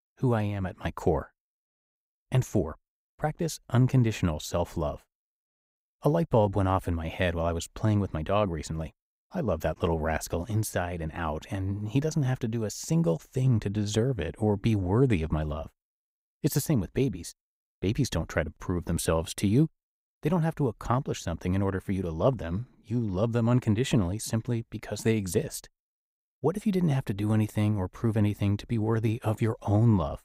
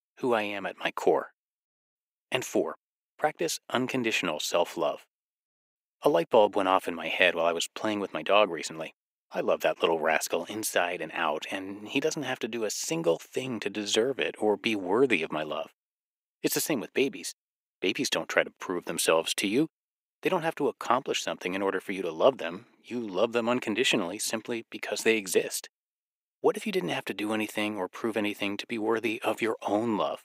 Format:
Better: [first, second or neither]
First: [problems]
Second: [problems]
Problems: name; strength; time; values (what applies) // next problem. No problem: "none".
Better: first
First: none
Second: thin; somewhat; fading below 300 Hz